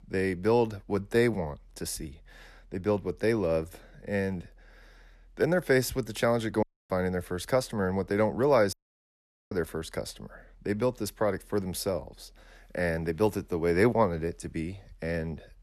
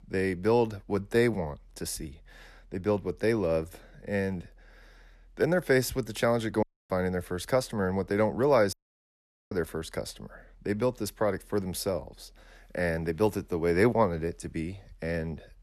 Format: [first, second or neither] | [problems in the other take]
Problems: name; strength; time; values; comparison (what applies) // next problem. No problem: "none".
neither | audio cutting out; at 6.5 s and at 8.5 s for 1 s; the same in both